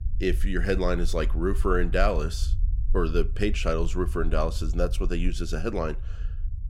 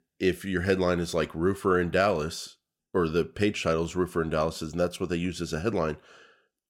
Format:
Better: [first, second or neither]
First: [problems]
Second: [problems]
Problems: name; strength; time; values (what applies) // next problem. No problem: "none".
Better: second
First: low rumble; faint; throughout; 20 dB below the speech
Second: none